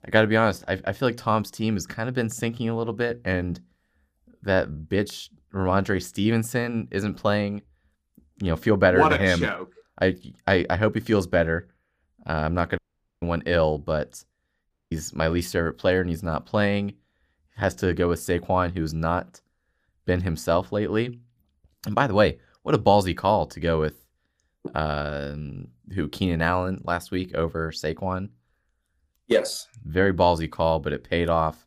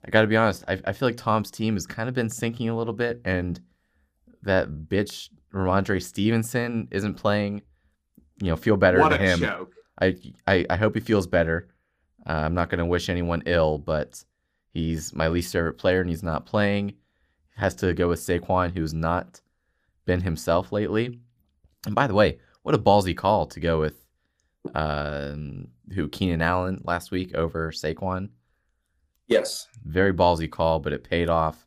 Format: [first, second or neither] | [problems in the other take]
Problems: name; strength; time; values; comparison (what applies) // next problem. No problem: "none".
second | audio cutting out; at 13 s and at 15 s